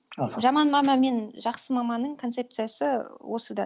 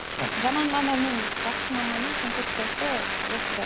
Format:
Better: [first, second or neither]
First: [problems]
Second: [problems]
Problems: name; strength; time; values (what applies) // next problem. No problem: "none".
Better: first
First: none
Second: background sound (Telephone); 1 dB above the speech